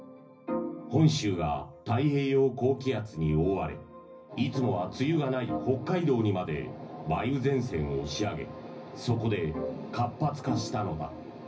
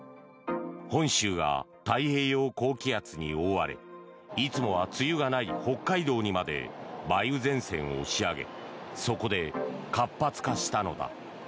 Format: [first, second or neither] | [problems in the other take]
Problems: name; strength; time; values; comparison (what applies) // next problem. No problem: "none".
second | room echo; dies away in 0.4 s